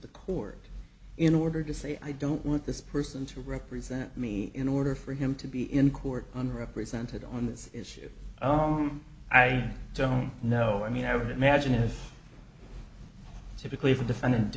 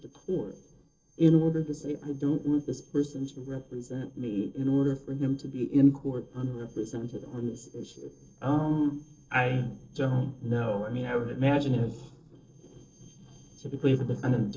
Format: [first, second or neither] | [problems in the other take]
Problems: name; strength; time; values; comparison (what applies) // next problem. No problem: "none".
first | noise reduction (neural separator model SepFormer DNS4)